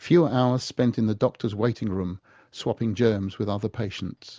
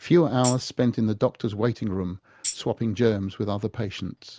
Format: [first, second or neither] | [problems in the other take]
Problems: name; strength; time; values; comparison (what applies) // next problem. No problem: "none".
first | background sound (Tambourine); 11 dB below the speech